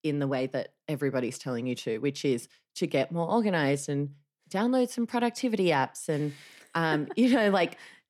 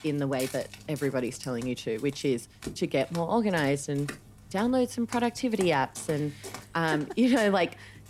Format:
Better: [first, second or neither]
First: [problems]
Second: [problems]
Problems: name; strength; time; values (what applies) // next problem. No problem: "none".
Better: first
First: none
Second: footsteps; faint; peak 10 dB below the speech